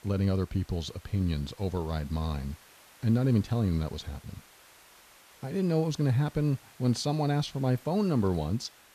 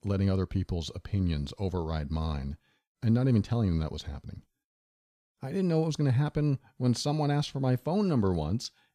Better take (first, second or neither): second